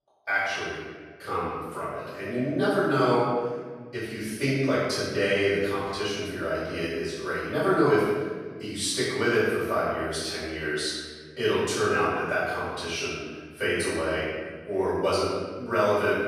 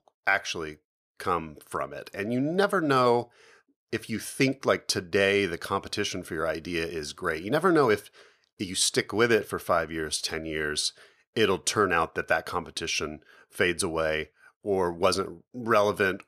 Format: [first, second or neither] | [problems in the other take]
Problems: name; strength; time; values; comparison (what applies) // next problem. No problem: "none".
second | off-mic speech; far // room echo; strong; dies away in 1.4 s